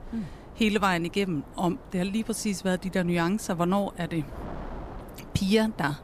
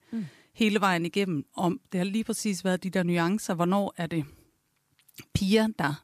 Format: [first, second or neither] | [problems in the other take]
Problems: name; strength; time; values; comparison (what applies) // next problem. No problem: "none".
second | wind noise on the microphone; occasional gusts; 20 dB below the speech